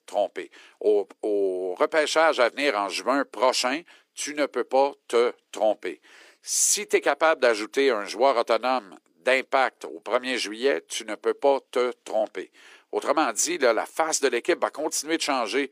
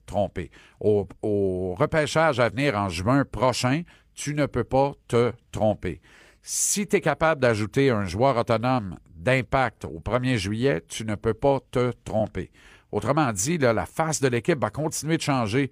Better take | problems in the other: second | thin; somewhat; fading below 300 Hz

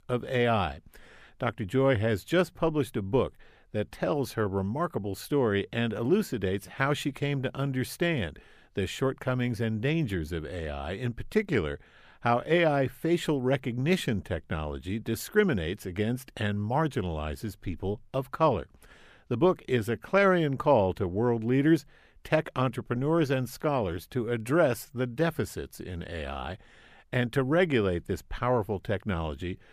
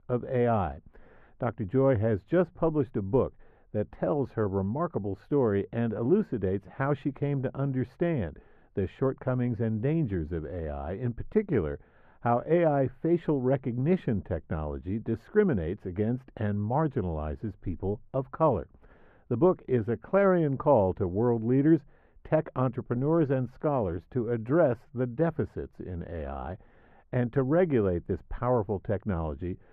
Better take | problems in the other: first | muffled; very; fading above 3 kHz

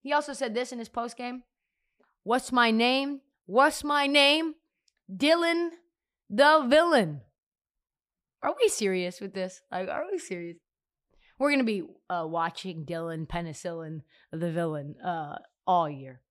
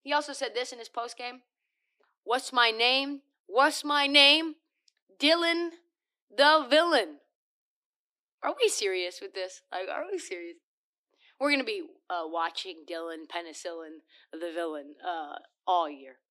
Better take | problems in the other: first | thin; very slightly; fading below 300 Hz

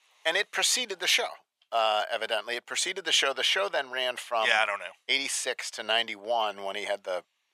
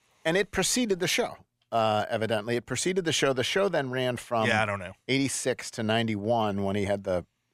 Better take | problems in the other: second | thin; very; fading below 750 Hz

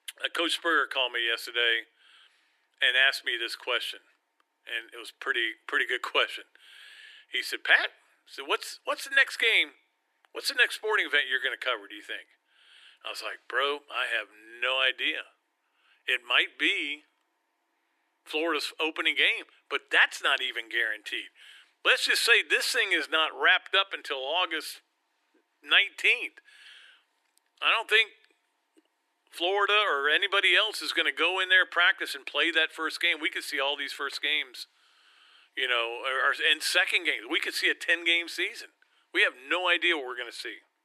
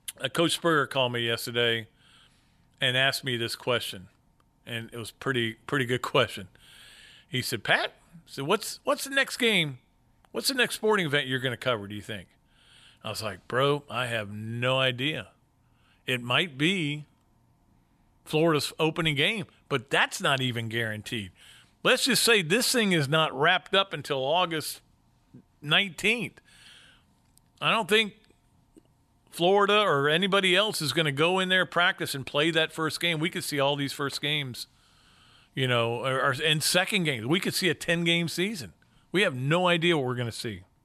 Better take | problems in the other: second | thin; very; fading below 300 Hz

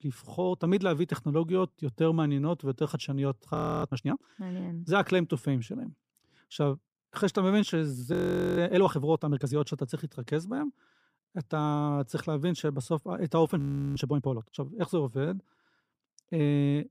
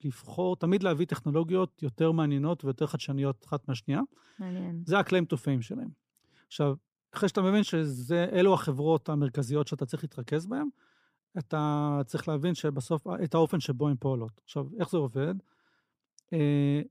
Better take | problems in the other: second | audio freezing; at 3.5 s, at 8 s and at 14 s

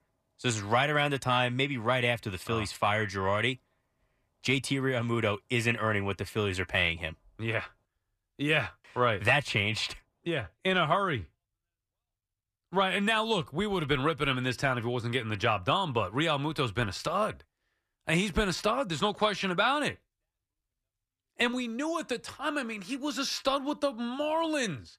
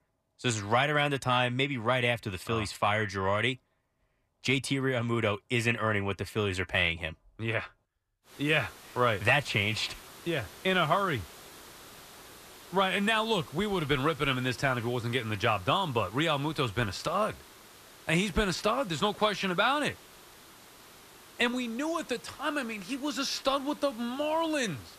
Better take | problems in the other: first | hiss; faint; from 8.5 s on; 20 dB below the speech

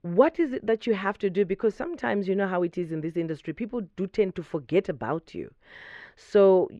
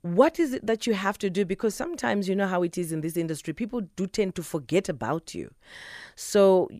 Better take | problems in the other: second | muffled; slightly; fading above 2.5 kHz

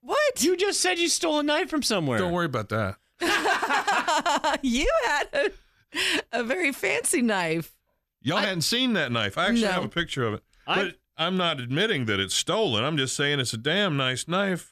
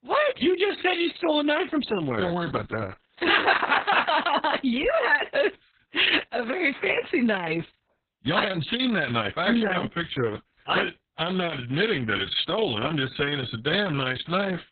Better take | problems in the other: first | garbled, watery; badly; nothing above 4 kHz

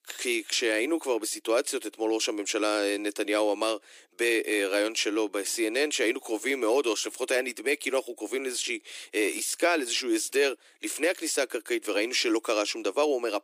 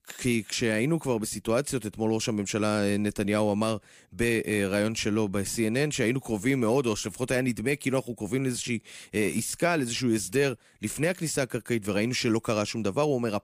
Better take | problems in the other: second | thin; very; fading below 300 Hz

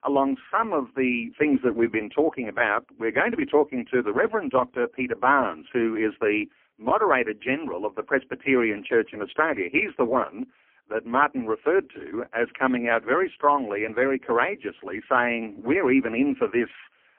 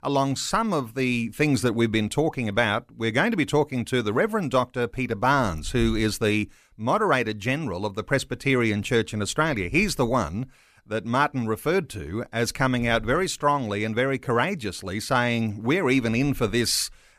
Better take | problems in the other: second | phone-call audio; poor line

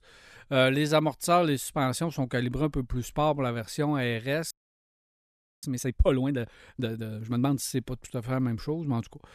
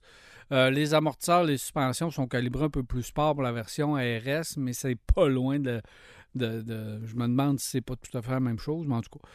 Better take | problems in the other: second | audio freezing; at 4.5 s for 1 s

